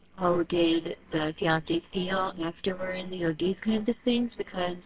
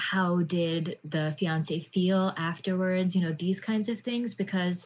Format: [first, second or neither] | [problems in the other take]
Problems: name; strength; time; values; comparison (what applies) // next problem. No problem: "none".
second | noise reduction (neural separator model SepFormer WHAMR!)